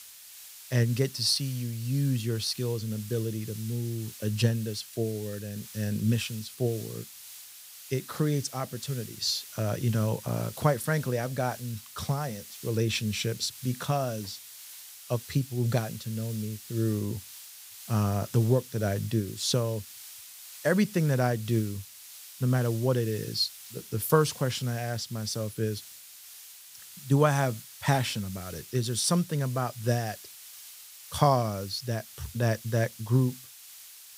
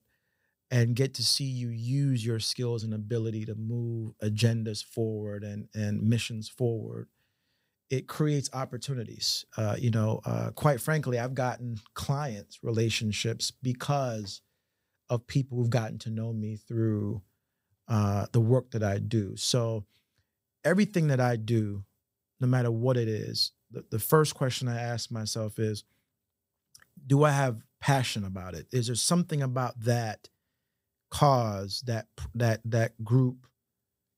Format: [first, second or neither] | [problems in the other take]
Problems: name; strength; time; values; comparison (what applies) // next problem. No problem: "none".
second | hiss; noticeable; throughout; 15 dB below the speech